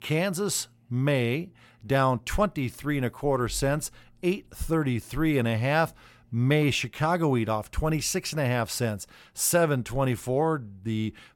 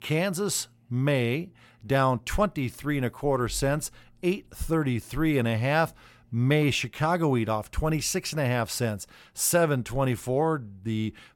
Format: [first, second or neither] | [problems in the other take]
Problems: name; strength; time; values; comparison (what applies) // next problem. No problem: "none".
neither | none